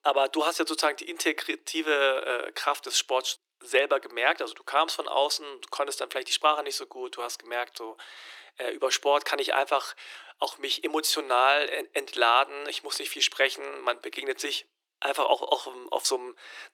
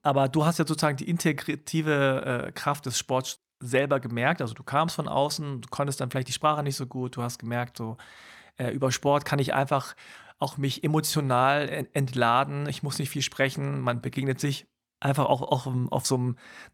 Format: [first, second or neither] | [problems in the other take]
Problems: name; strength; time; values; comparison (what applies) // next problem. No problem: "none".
second | thin; very; fading below 350 Hz